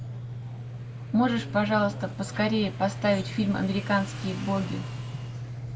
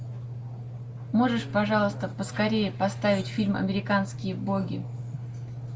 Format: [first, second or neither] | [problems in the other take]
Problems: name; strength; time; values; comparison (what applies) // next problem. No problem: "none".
second | background sound (Motorcycle / Engine); 19 dB below the speech